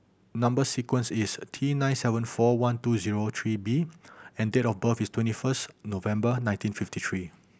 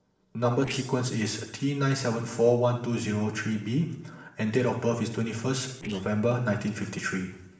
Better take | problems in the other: first | noise reduction (neural separator model SepFormer DNS4)

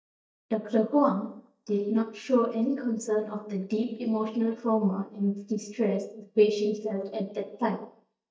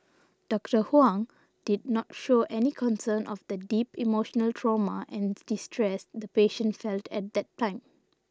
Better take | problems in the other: second | noise reduction (neural mask model DeepFilterNet 3)

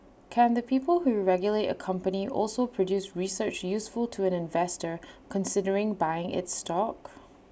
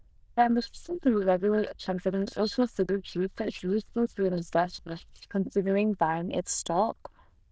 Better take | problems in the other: first | noise reduction (neural diffusion model UNIVERSE++)

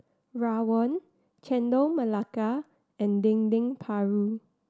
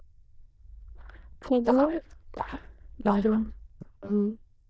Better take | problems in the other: first | noise reduction (neural diffusion model UNIVERSE++)

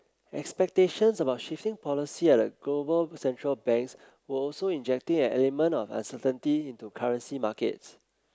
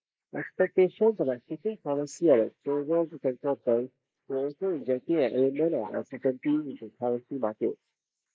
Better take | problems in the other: first | noise reduction (neural mask model Resemble Enhance denoiser)

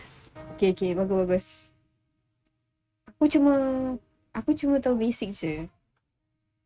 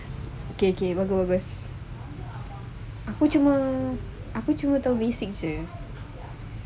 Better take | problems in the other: second | noise reduction (neural mask model RNNoise)

